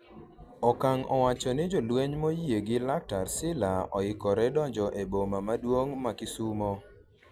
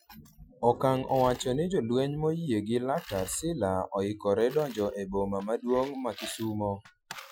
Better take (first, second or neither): first